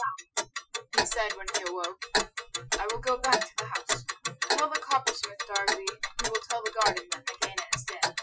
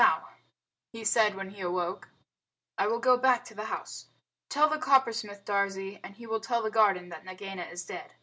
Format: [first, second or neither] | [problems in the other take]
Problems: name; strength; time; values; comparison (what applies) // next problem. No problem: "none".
second | noise reduction (classical method Wiener filter)